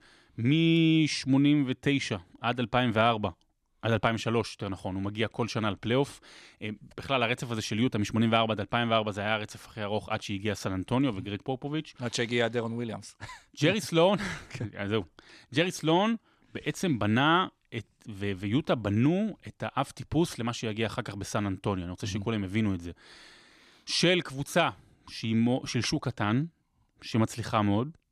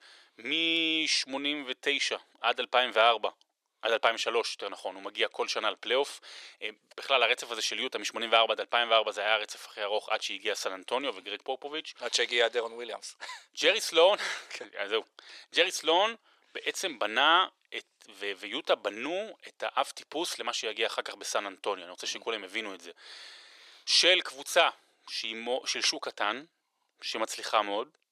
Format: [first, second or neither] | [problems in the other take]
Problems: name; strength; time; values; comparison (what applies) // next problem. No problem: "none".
first | thin; very; fading below 450 Hz